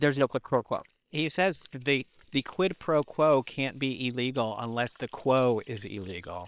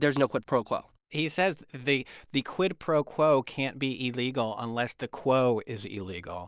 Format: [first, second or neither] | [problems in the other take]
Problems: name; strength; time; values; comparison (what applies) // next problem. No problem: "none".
second | noise reduction (neural separator model SepFormer WHAM!)